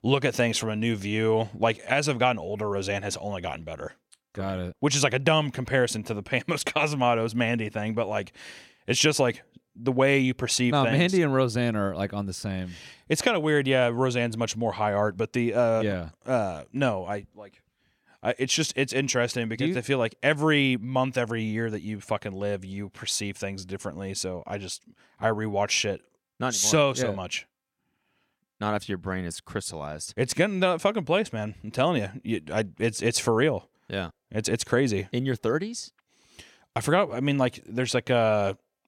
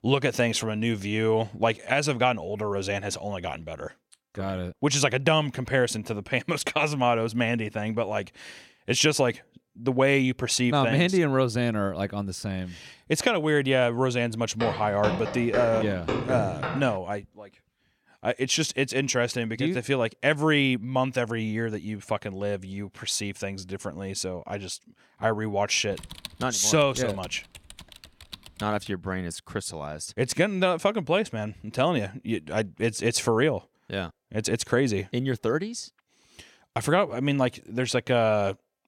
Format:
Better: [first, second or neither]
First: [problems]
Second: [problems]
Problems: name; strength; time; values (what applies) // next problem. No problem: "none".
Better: first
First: none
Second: footsteps; noticeable; from 15 to 17 s; peak 3 dB below the speech // keyboard typing; faint; from 26 to 29 s; peak 15 dB below the speech